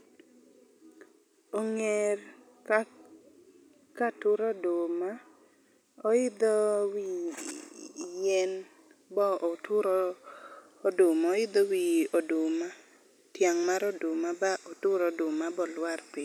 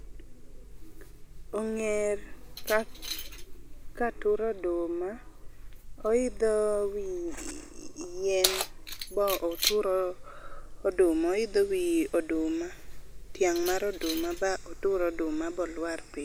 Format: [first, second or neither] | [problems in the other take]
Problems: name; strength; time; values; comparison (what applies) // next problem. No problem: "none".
first | background sound (Keys jangling); 7 dB below the speech